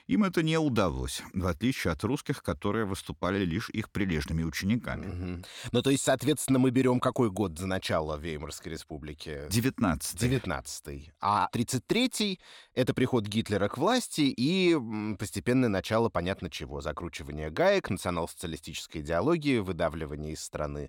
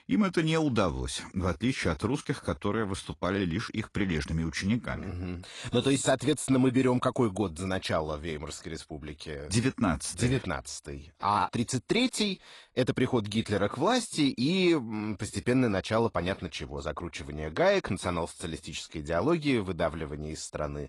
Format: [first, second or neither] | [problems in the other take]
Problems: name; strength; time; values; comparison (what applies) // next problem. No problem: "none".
first | garbled, watery; slightly; nothing above 10.5 kHz